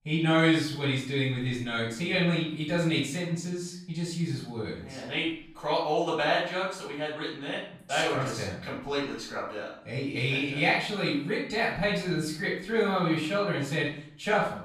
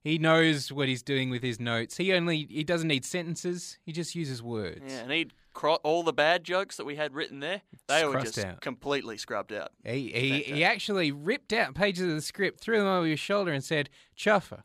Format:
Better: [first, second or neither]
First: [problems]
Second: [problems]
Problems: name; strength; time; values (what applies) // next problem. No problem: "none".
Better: second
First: off-mic speech; far // room echo; noticeable; dies away in 0.5 s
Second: none